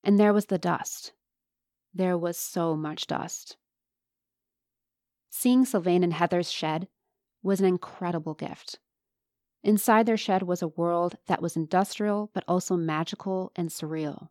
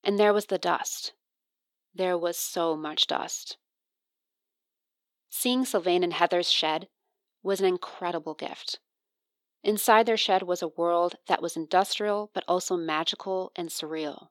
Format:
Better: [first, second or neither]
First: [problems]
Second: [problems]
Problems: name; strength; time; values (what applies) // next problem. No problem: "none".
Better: first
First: none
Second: thin; somewhat; fading below 450 Hz